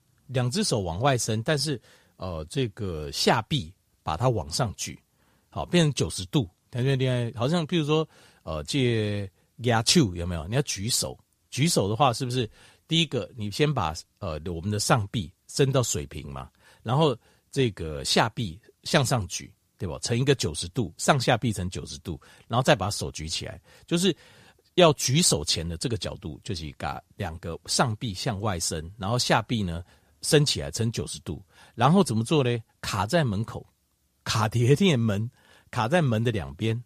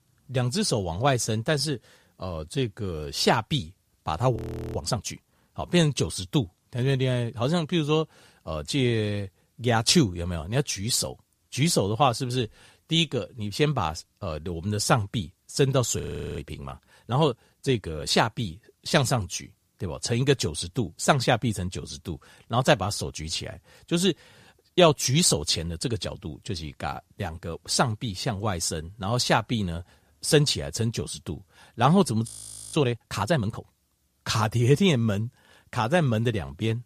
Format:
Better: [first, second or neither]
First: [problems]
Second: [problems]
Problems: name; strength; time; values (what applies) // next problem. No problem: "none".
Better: first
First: none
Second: audio freezing; at 4.5 s, at 16 s and at 32 s